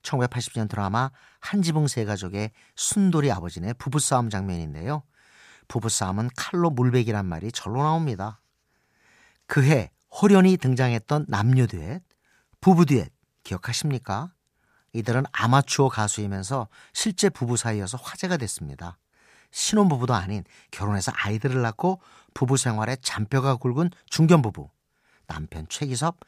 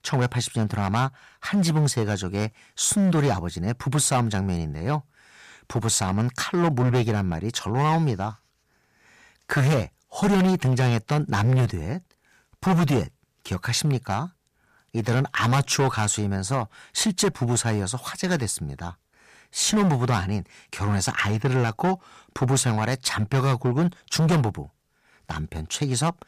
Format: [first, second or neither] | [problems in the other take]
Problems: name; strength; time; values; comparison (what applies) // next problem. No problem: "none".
first | distortion; heavy; 10% of the sound clipped